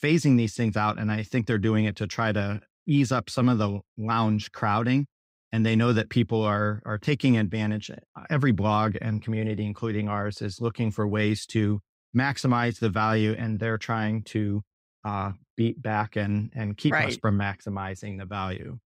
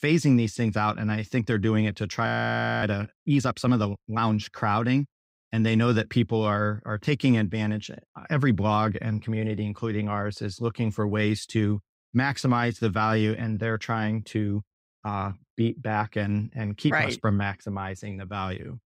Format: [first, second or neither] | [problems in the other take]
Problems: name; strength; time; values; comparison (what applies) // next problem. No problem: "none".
first | audio freezing; at 2.5 s for 0.5 s